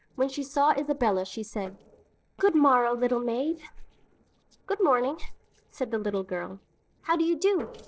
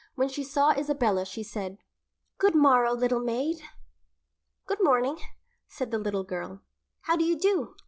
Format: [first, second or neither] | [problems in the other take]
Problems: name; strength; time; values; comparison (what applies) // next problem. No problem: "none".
second | noise reduction (neural separator model SepFormer DNS4)